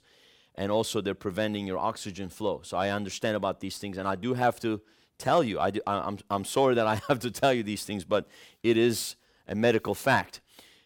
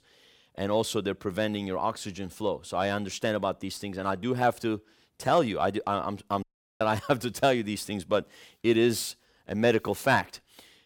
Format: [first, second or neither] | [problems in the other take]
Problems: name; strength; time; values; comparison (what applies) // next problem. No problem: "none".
first | audio cutting out; at 6.5 s